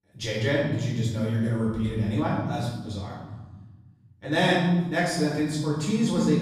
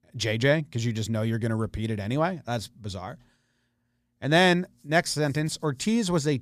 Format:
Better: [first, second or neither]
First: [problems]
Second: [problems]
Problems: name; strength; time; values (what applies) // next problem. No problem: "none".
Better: second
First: off-mic speech; far // room echo; noticeable; dies away in 1.5 s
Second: none